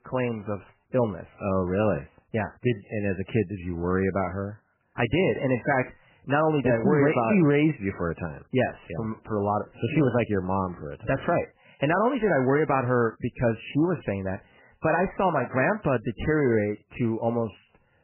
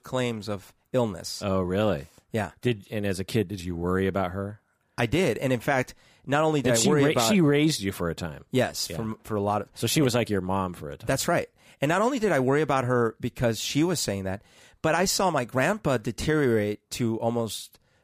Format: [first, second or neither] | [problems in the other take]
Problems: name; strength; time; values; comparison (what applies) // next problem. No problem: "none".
second | garbled, watery; badly; nothing above 3 kHz